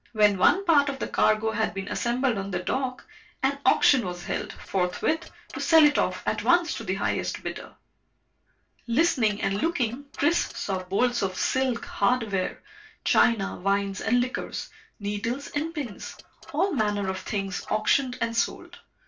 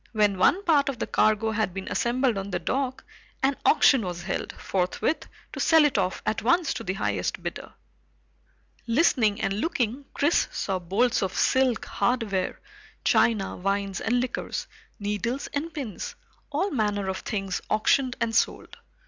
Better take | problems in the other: second | noise reduction (neural separator model SepFormer DNS4)

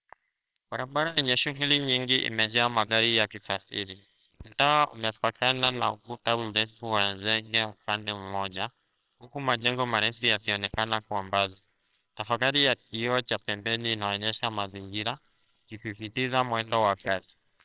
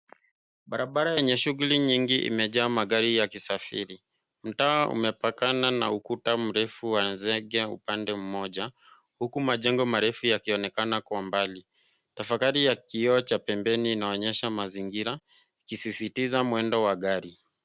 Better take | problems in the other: second | noise reduction (neural separator model SepFormer WHAMR!)

